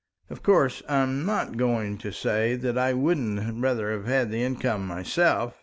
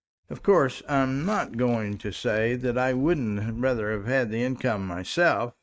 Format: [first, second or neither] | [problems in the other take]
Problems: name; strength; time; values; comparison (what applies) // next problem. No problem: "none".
first | noise reduction (neural mask model RNNoise)